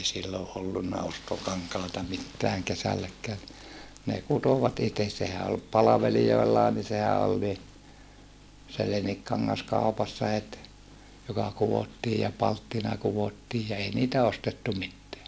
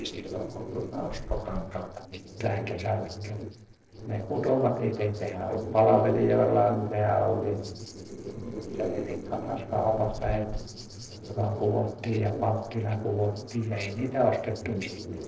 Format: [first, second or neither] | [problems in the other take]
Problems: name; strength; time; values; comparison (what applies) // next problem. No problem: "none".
first | noise reduction (neural separator model SepFormer DNS4)